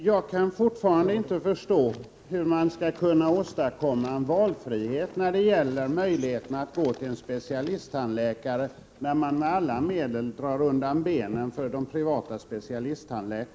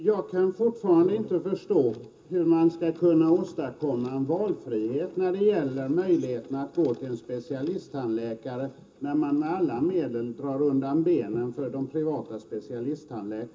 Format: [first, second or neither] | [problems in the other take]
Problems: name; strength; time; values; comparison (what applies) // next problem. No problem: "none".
first | room echo; dies away in 0.2 s